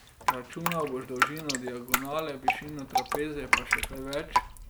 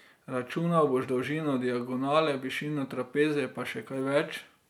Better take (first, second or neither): second